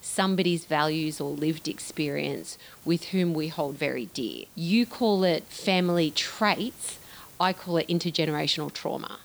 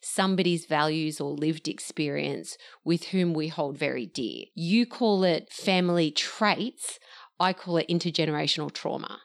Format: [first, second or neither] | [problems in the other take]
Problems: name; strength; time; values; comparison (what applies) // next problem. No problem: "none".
second | hiss; faint; throughout; 20 dB below the speech